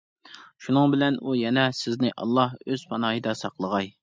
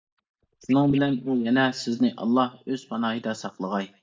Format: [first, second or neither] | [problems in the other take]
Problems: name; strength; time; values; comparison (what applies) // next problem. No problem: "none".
first | noise reduction (neural mask model DeepFilterNet 3)